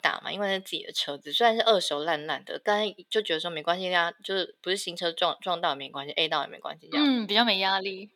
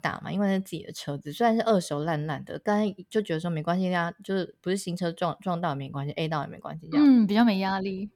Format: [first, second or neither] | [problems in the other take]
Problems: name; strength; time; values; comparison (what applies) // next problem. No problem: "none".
second | thin; somewhat; fading below 450 Hz